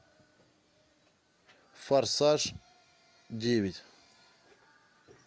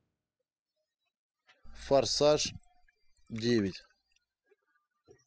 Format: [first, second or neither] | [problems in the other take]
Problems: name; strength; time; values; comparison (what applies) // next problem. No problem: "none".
first | noise reduction (classical method spectral subtraction)